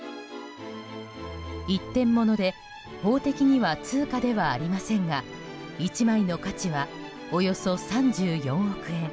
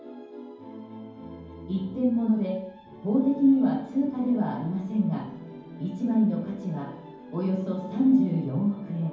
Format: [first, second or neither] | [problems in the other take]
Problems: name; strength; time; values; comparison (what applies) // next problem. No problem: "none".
first | room echo; dies away in 0.9 s